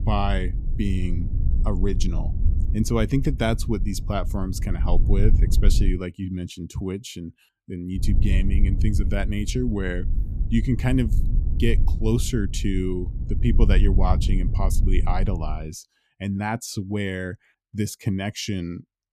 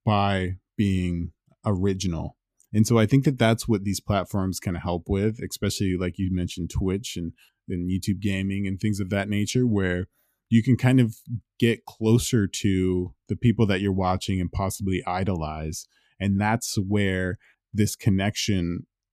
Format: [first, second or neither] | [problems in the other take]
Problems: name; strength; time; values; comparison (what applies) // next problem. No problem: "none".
second | low rumble; noticeable; until 6 s and from 8 to 16 s; 10 dB below the speech